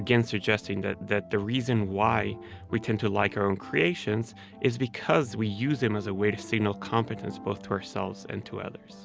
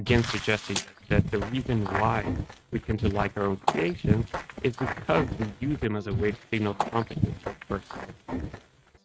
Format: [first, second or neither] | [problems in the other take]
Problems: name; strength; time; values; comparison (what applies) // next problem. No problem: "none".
first | noise reduction (neural mask model RNNoise)